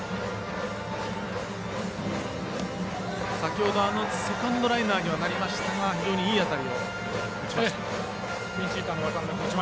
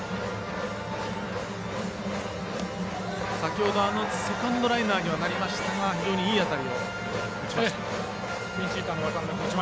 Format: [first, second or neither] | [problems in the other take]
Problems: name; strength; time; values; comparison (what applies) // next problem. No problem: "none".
second | background sound (Acoustic guitar); 20 dB below the speech